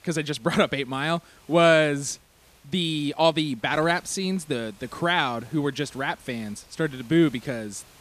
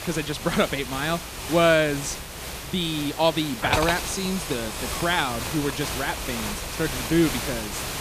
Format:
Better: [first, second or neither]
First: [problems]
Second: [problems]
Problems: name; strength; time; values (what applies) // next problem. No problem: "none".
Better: first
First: hiss; faint; throughout; 25 dB below the speech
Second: hiss; loud; throughout; 5 dB below the speech